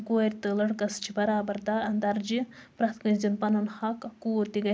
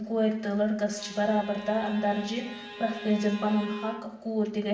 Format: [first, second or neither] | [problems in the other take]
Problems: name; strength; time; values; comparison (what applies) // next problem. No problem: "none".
first | background sound (Bowed string instrument); 13 dB below the speech // room echo; dies away in 0.8 s